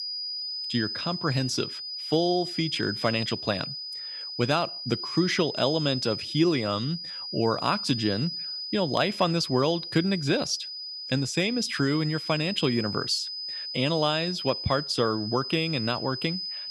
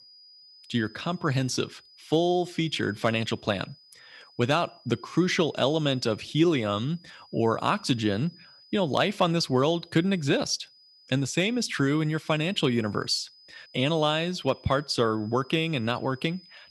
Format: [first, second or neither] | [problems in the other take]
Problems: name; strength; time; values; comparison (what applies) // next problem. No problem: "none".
second | high-pitched whine; loud; throughout; 5 kHz, 5 dB below the speech; faint in the second